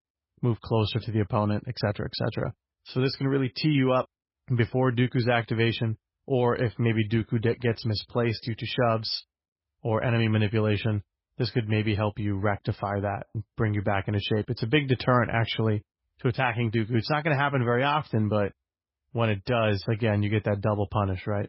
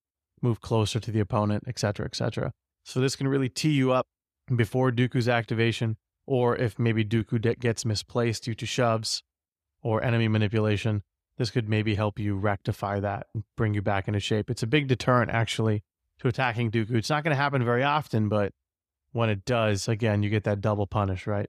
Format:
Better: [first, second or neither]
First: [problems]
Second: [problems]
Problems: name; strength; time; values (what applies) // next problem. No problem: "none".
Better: second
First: garbled, watery; badly; nothing above 5.5 kHz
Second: none